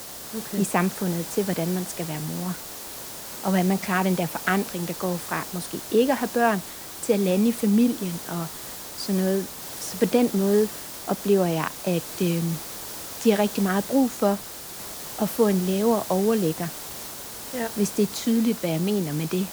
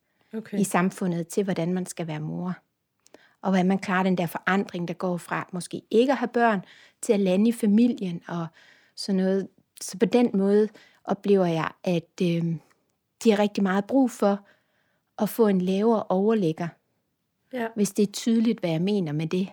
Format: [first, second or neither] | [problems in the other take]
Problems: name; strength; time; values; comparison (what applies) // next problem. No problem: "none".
second | hiss; loud; throughout; 9 dB below the speech